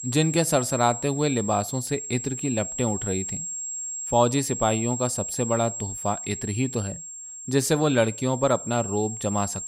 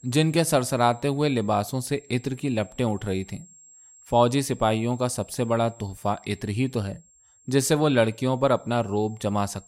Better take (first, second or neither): second